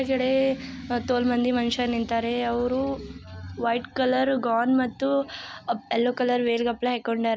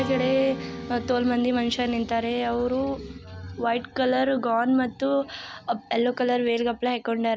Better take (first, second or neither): first